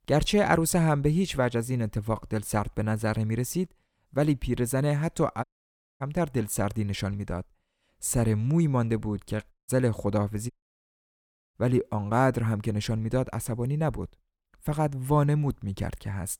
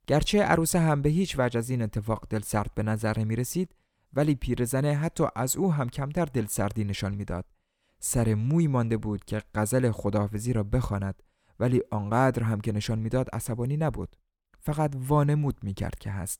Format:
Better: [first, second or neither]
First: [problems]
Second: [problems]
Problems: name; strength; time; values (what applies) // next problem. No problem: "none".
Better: second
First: audio cutting out; at 5.5 s for 0.5 s, at 9.5 s and at 11 s for 1 s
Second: none